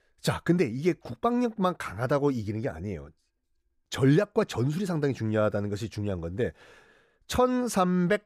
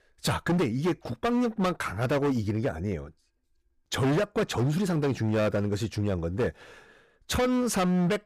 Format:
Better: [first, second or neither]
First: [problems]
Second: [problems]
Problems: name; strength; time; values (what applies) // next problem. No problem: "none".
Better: first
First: none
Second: distortion; heavy; 14% of the sound clipped